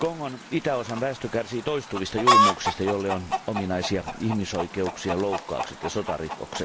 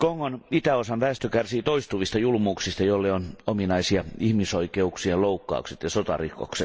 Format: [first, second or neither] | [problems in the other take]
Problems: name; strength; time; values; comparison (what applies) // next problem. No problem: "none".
second | background sound (Chicken, rooster); as loud as the speech